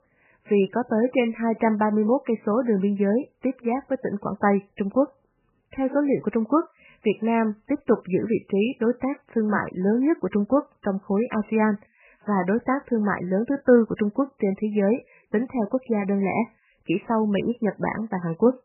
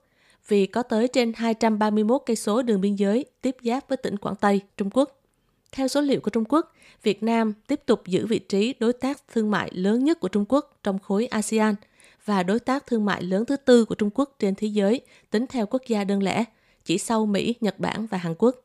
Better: second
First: garbled, watery; badly; nothing above 3 kHz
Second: none

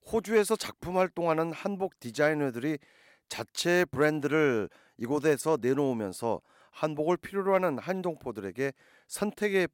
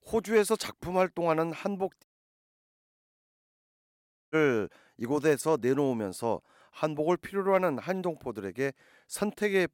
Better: first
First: none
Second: audio cutting out; at 2 s for 2.5 s

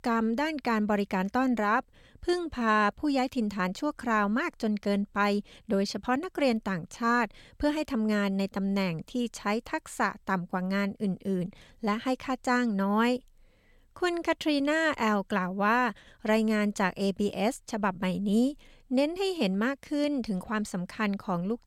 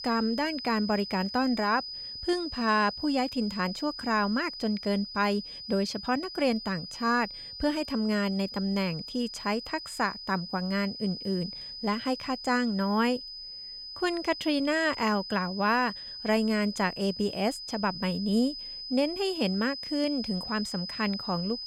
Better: first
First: none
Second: high-pitched whine; loud; throughout; 5 kHz, 8 dB below the speech

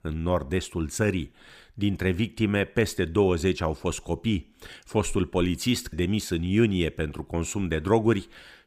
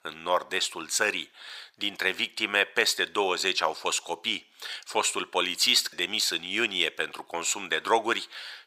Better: first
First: none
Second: thin; very; fading below 850 Hz

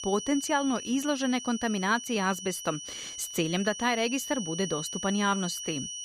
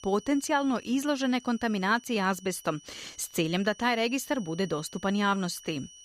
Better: second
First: high-pitched whine; loud; throughout; 6 kHz, 8 dB below the speech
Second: high-pitched whine; faint; throughout; 6 kHz, 20 dB below the speech

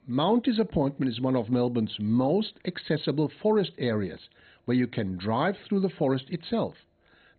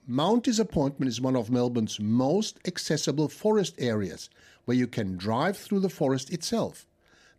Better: second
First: garbled, watery; badly; nothing above 4 kHz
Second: none

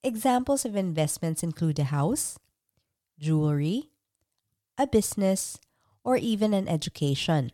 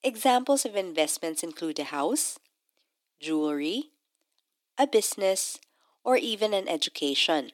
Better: first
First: none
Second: thin; somewhat; fading below 300 Hz

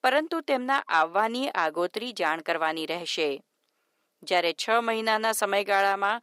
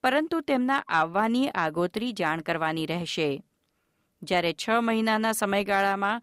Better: second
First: thin; somewhat; fading below 450 Hz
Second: none

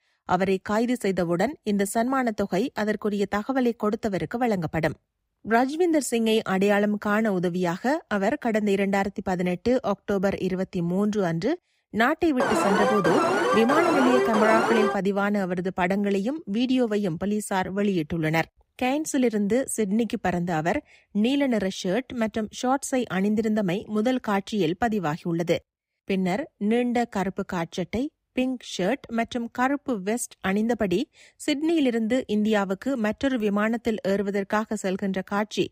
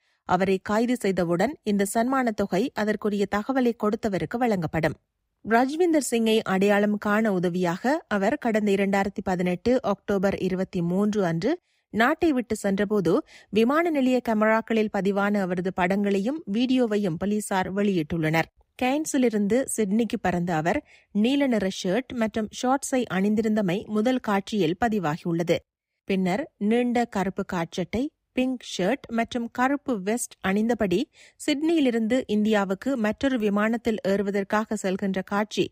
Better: second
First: alarm; loud; from 12 to 15 s; peak 3 dB above the speech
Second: none

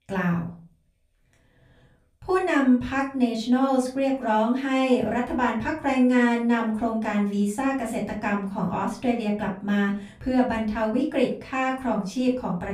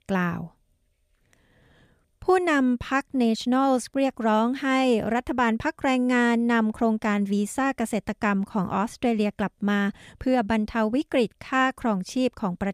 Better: second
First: off-mic speech; far // room echo; slight; dies away in 0.3 s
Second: none

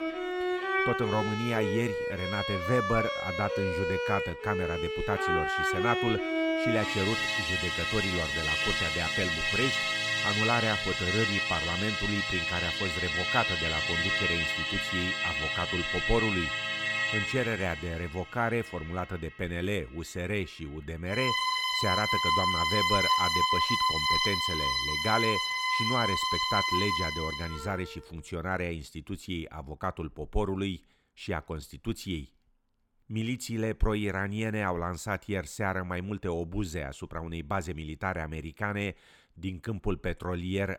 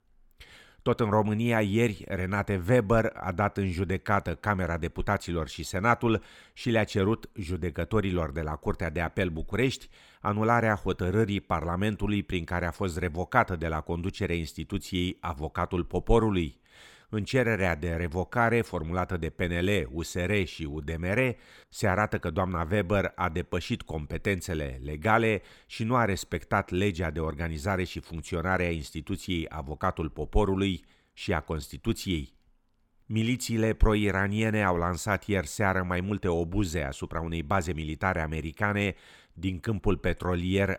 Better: second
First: background music; very loud; until 27 s; 5 dB above the speech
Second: none

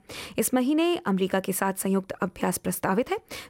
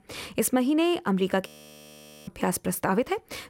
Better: first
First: none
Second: audio freezing; at 1.5 s for 1 s

